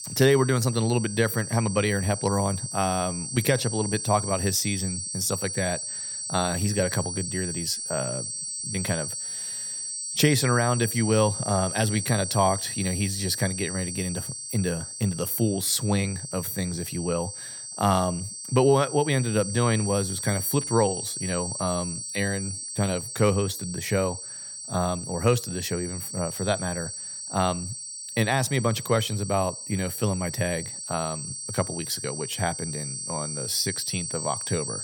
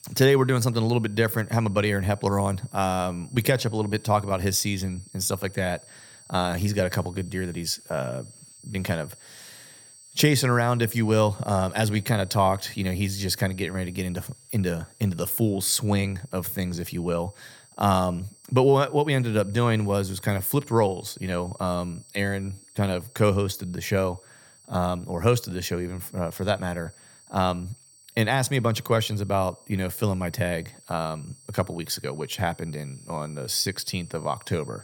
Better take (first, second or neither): second